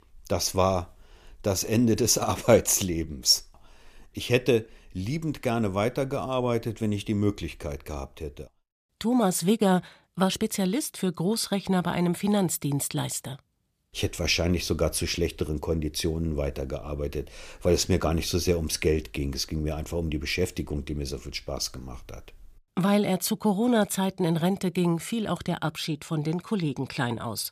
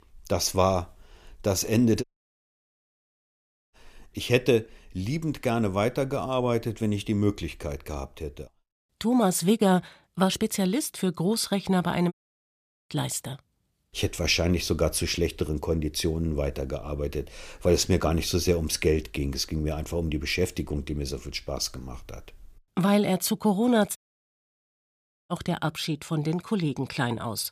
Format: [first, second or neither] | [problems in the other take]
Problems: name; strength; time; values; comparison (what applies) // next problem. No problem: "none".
first | audio cutting out; at 2 s for 1.5 s, at 12 s for 1 s and at 24 s for 1.5 s